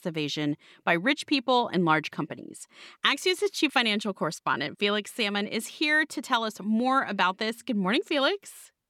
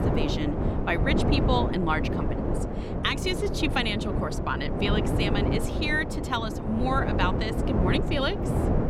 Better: first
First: none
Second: wind noise on the microphone; heavy; 4 dB below the speech

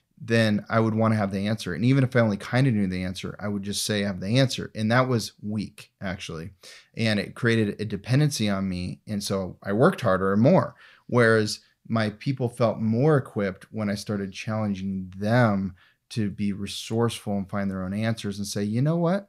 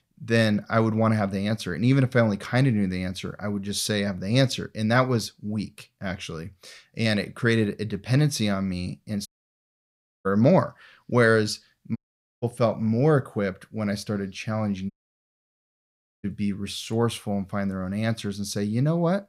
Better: first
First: none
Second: audio cutting out; at 9.5 s for 1 s, at 12 s and at 15 s for 1.5 s

